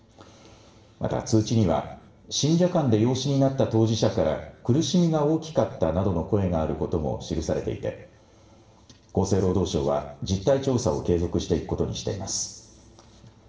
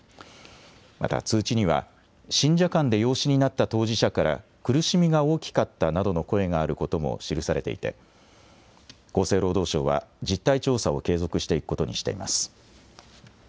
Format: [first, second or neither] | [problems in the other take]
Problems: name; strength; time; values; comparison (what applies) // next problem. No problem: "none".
second | room echo; dies away in 0.8 s